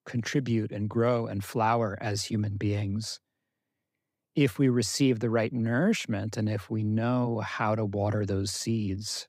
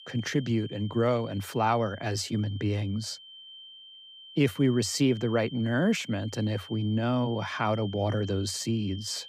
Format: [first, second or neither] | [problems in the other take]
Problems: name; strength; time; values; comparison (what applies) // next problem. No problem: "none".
first | high-pitched whine; noticeable; throughout; 3 kHz, 15 dB below the speech